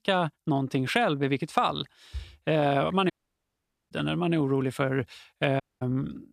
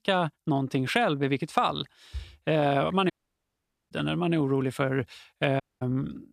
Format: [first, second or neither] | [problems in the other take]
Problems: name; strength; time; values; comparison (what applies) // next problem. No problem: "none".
neither | audio cutting out; at 3 s for 1 s and at 5.5 s; the same in both